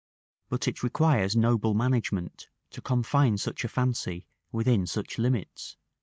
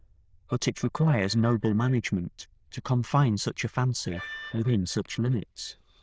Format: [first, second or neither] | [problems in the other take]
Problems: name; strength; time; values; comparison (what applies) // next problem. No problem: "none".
first | noise reduction (neural diffusion model UNIVERSE++)